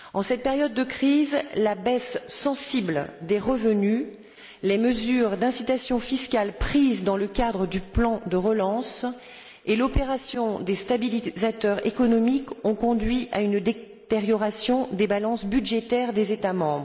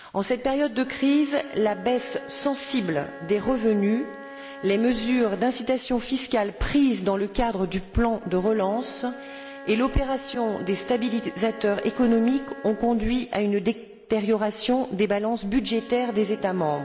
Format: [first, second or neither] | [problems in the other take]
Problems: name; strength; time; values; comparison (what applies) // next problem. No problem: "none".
first | background sound (Wind instrument, woodwind instrument); 18 dB below the speech